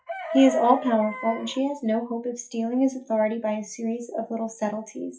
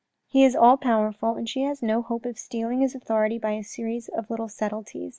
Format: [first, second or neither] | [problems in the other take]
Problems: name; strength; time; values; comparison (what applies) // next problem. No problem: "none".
second | noise reduction (classical method WPE with log-MMSE)